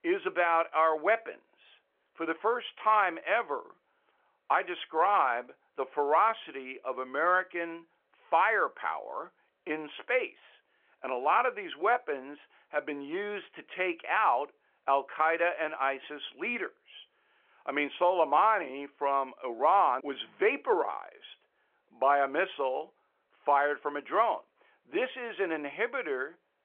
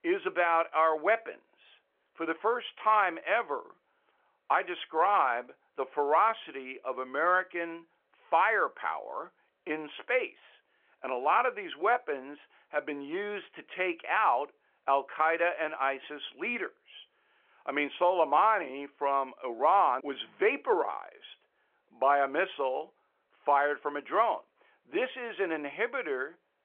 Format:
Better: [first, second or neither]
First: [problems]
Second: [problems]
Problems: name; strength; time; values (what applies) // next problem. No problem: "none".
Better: neither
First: phone-call audio; nothing above 3.5 kHz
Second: phone-call audio; nothing above 3.5 kHz